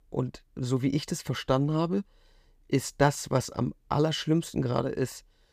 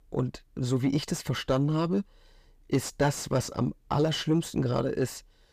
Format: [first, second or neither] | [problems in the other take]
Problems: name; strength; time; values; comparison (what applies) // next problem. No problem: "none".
first | distortion; slight; 10 dB below the speech